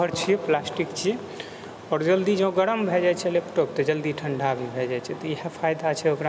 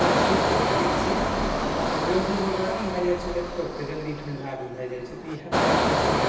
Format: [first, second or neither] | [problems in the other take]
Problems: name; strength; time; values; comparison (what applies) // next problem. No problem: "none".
first | background sound (Engine); 5 dB above the speech // room echo; dies away in 0.9 s